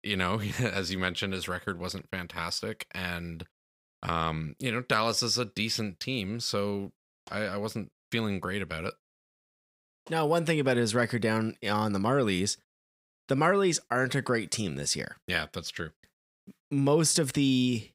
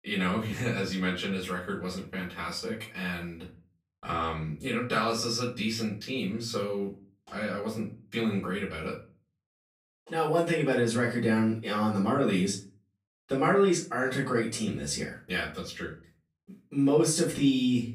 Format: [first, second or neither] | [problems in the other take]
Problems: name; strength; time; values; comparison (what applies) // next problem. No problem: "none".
first | room echo; slight; dies away in 0.3 s // off-mic speech; far